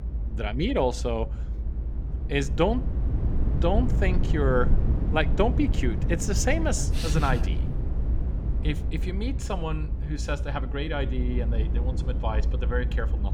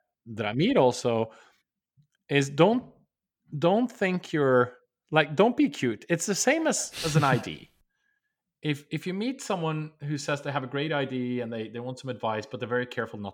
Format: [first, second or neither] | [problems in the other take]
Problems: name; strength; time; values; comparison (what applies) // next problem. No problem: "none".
second | low rumble; noticeable; throughout; 10 dB below the speech